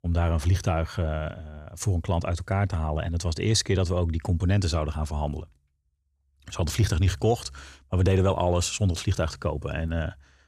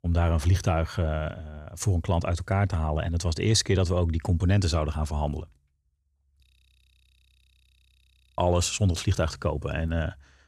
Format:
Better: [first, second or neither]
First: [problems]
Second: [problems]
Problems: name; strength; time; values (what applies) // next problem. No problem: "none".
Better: first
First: none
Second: audio freezing; at 6.5 s for 2 s